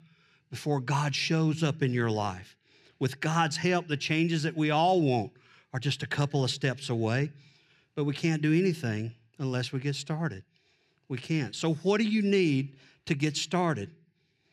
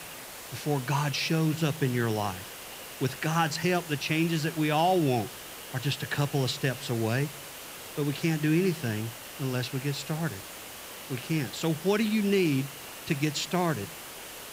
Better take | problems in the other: first | hiss; noticeable; throughout; 10 dB below the speech

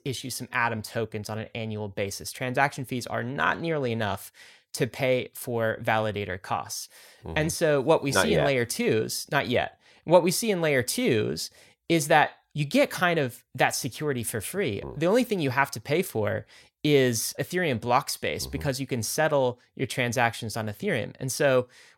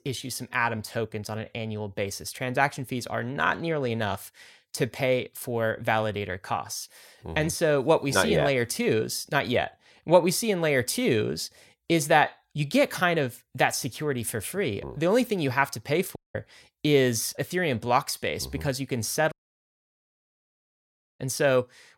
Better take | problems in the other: first | audio cutting out; at 16 s and at 19 s for 2 s

